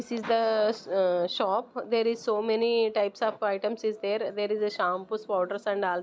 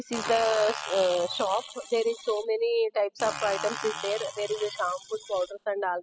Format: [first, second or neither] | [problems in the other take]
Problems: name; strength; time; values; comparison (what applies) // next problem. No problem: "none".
first | noise reduction (classical method spectral subtraction)